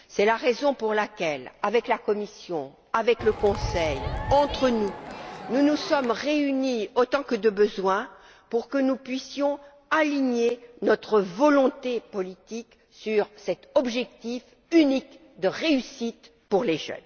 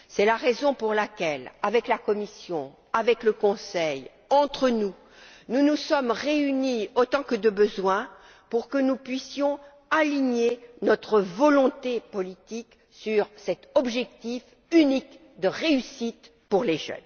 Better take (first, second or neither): second